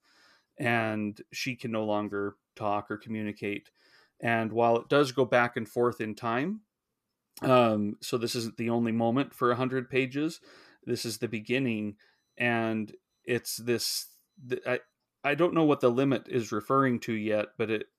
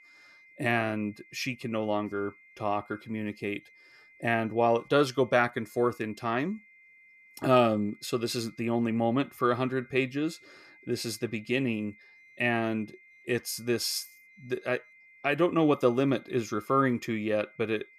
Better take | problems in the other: first | high-pitched whine; faint; throughout; 2 kHz, 25 dB below the speech

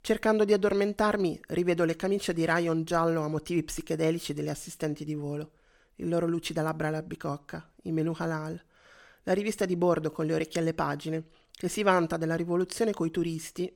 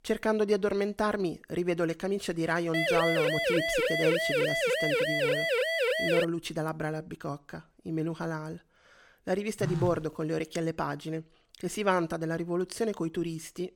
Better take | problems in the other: first | siren; loud; from 2.5 to 6.5 s; peak 5 dB above the speech // phone ringing; noticeable; at 9.5 s; peak 2 dB below the speech

